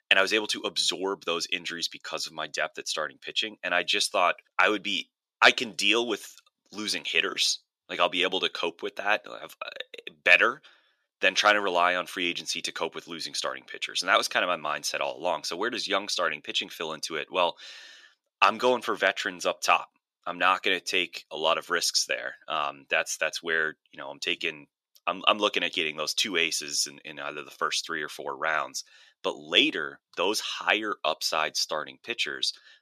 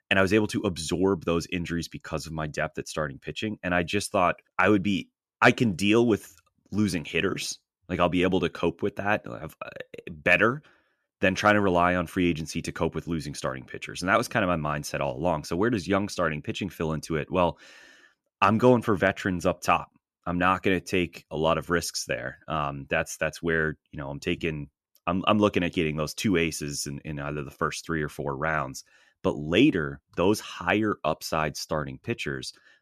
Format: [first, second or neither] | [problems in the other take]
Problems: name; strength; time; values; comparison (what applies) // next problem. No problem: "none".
second | thin; somewhat; fading below 500 Hz